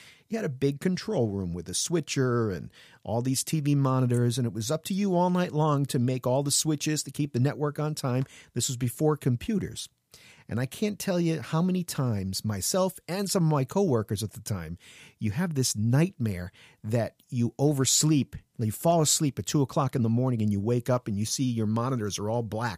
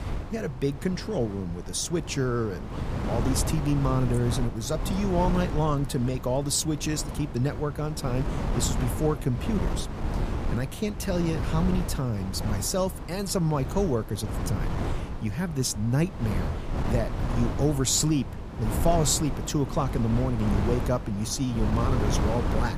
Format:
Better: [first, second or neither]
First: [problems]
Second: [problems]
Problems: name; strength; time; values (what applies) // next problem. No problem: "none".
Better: first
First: none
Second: wind noise on the microphone; heavy; 7 dB below the speech